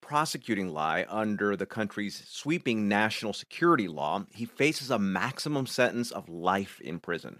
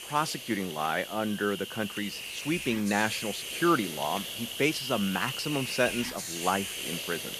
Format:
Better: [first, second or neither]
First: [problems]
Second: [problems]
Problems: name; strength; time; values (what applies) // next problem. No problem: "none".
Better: first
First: none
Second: hiss; loud; throughout; 5 dB below the speech